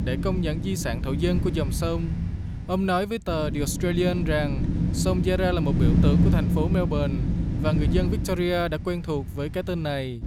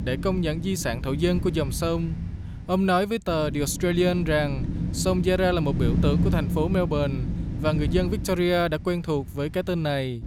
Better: second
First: wind noise on the microphone; heavy; 6 dB below the speech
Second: wind noise on the microphone; occasional gusts; 10 dB below the speech

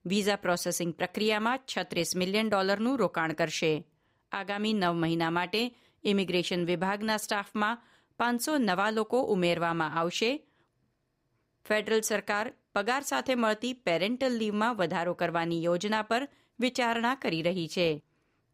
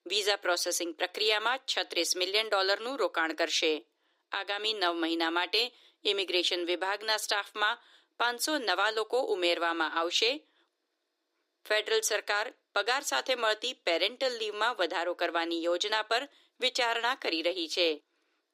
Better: first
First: none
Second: thin; very; fading below 300 Hz

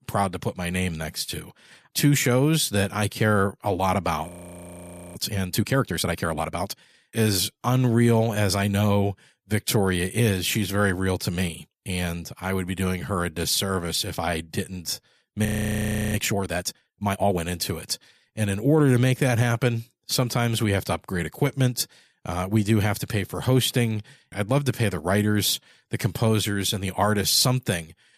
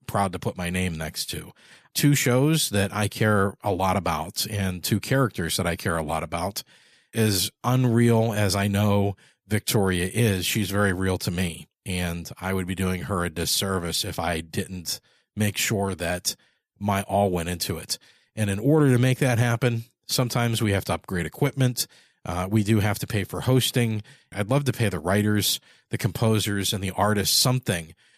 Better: second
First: audio freezing; at 4.5 s for 1 s and at 15 s for 0.5 s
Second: none

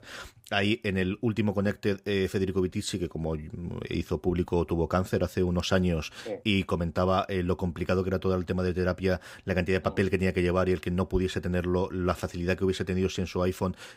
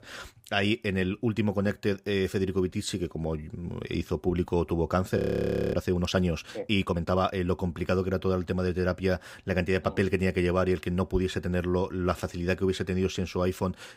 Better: first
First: none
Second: audio freezing; at 5 s for 0.5 s

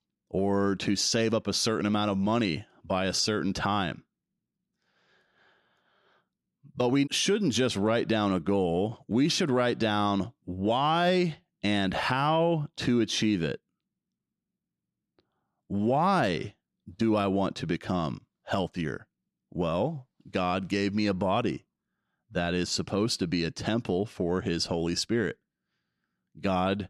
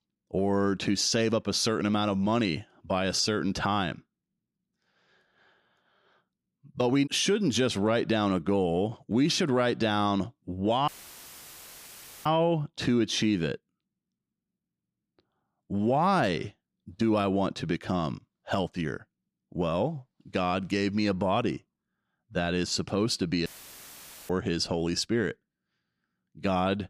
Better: first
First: none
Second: audio cutting out; filled with static; at 11 s for 1.5 s and at 23 s for 1 s

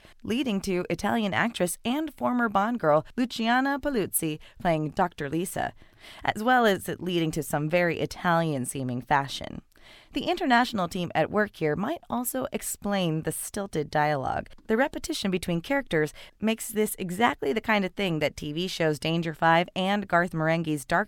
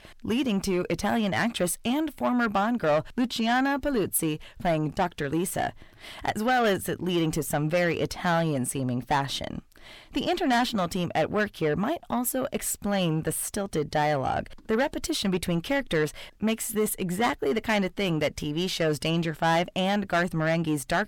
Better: first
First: none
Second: distortion; slight; 10 dB below the speech

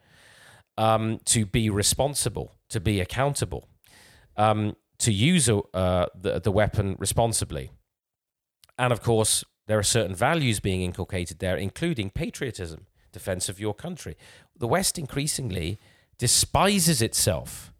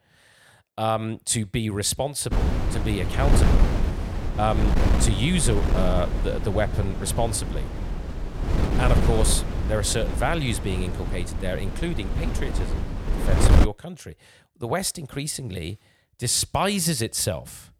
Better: first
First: none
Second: wind noise on the microphone; heavy; from 2.5 to 14 s; 5 dB below the speech

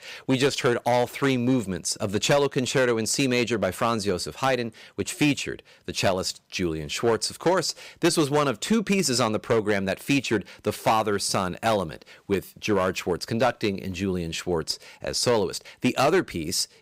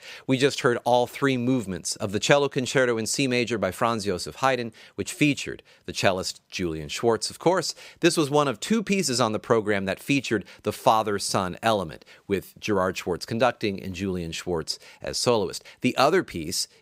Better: second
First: distortion; slight; 4% of the sound clipped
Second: none

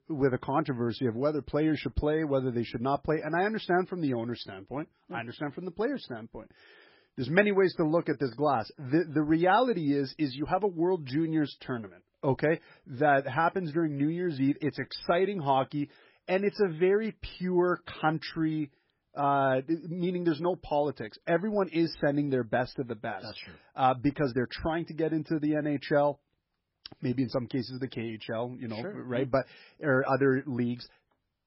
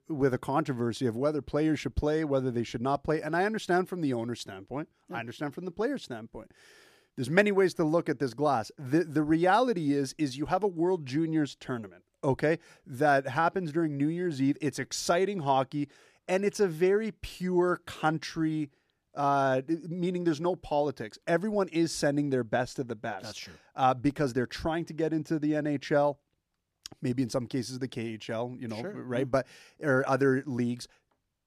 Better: second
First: garbled, watery; badly; nothing above 5.5 kHz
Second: none

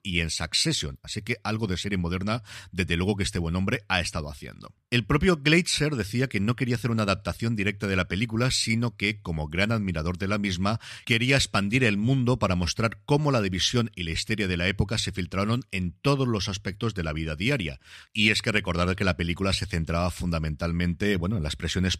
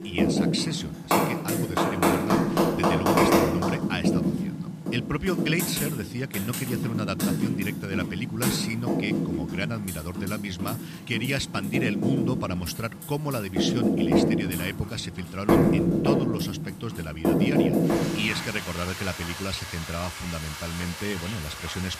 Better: first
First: none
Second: household noises; very loud; throughout; 5 dB above the speech

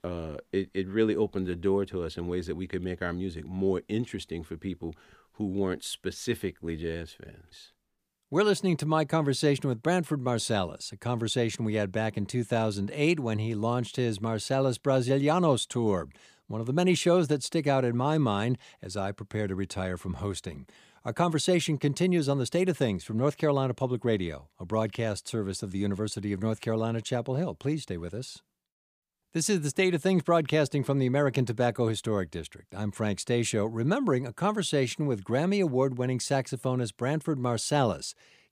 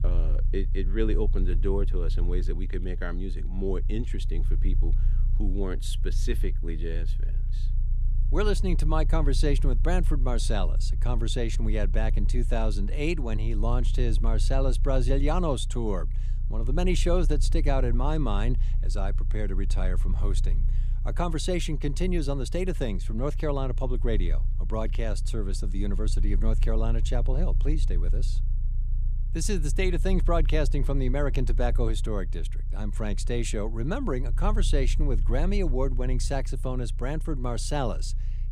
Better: first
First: none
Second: low rumble; noticeable; throughout; 15 dB below the speech

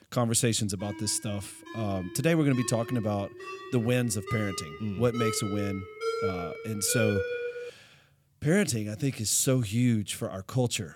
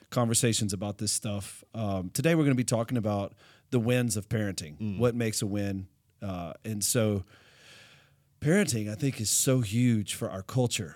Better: second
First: phone ringing; noticeable; from 1 to 7.5 s; peak 1 dB below the speech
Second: none

